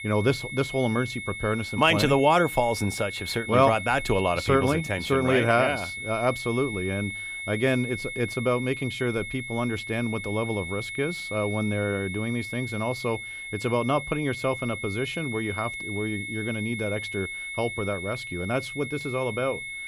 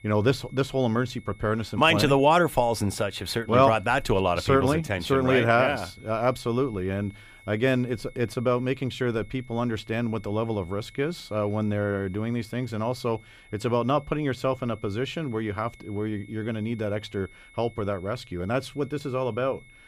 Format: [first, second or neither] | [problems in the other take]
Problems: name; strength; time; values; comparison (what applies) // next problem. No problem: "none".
second | high-pitched whine; loud; throughout; 2 kHz, 7 dB below the speech; faint in the second